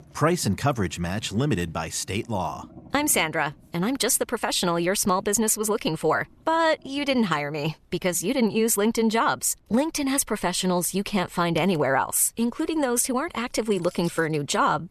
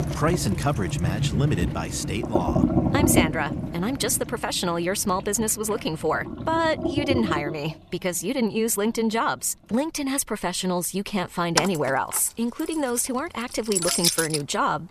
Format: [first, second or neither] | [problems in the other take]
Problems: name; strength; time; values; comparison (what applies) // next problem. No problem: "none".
first | household noises; loud; throughout; 1 dB below the speech; faint in the first